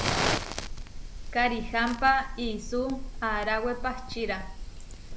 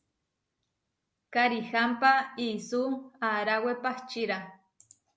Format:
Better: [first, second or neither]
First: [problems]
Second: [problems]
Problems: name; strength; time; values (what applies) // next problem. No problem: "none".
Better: second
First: background sound (Fire); 3 dB below the speech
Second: none